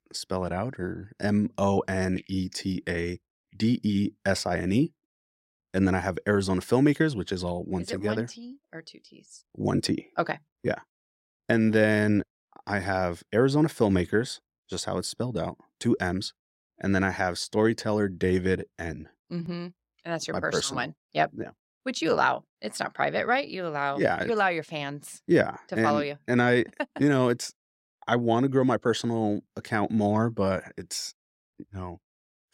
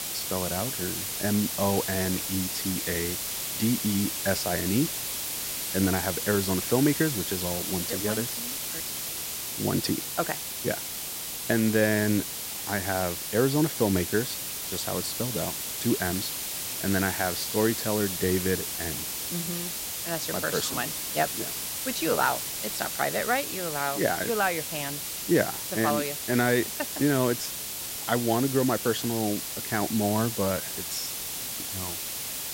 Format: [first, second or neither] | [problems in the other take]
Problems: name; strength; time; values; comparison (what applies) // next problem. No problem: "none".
first | hiss; loud; throughout; 2 dB below the speech